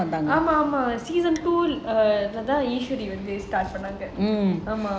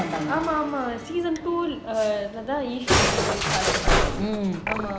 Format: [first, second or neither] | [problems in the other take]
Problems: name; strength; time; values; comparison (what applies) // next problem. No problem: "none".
first | background sound (Musical instrument); 1 dB above the speech